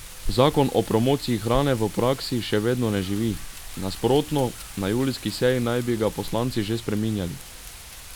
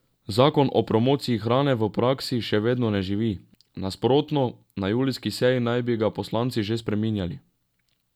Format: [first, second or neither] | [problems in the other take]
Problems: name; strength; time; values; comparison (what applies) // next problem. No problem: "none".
second | background sound (Wind); 12 dB below the speech